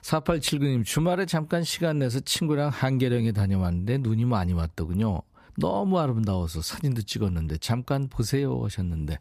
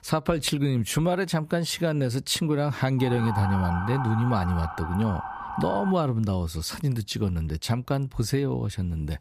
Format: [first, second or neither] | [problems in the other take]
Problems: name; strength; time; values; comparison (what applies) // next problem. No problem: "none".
first | siren; noticeable; from 3 to 6 s; peak 5 dB below the speech